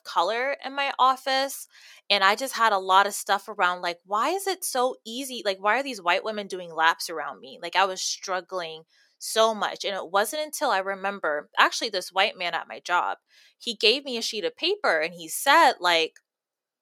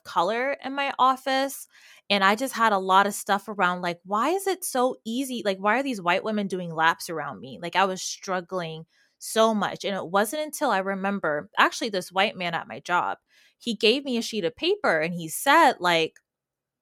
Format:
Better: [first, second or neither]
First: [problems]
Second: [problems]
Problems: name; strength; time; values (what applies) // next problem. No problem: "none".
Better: second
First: thin; somewhat; fading below 400 Hz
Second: none